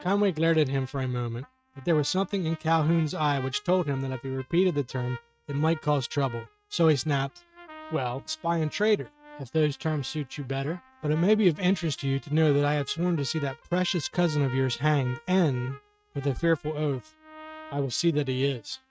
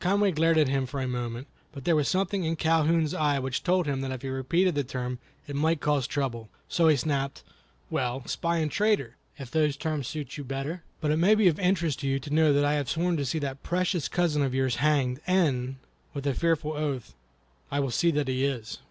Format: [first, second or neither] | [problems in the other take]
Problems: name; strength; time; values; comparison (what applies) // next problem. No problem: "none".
second | noise reduction (neural mask model RNNoise)